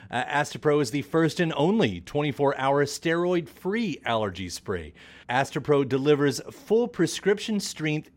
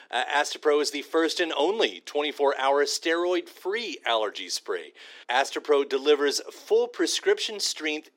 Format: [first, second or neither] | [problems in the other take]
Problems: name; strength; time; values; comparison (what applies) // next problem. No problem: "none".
first | thin; somewhat; fading below 350 Hz